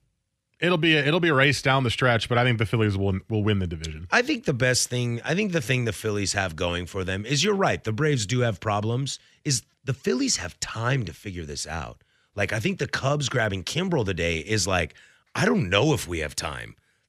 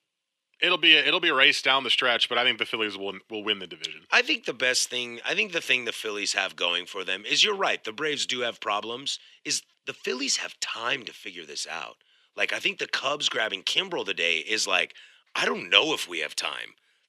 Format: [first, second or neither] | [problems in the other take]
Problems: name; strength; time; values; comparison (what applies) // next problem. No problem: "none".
first | thin; somewhat; fading below 300 Hz